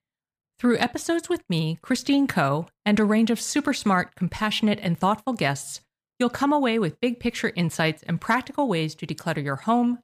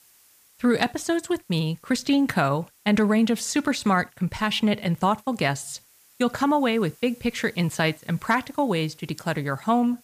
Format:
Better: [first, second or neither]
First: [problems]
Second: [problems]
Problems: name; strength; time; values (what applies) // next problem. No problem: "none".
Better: first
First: none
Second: hiss; faint; throughout; 30 dB below the speech